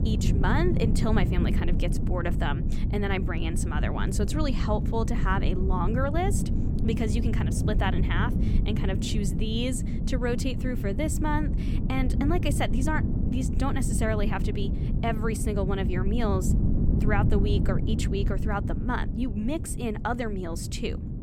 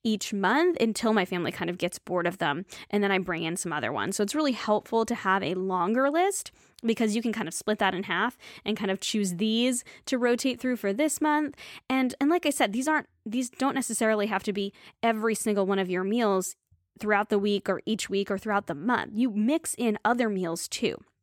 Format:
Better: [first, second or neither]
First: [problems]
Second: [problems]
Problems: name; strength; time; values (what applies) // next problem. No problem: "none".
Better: second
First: wind noise on the microphone; heavy; 7 dB below the speech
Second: none